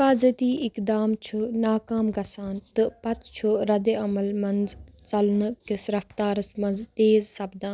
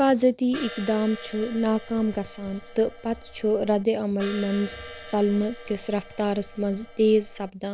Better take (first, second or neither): first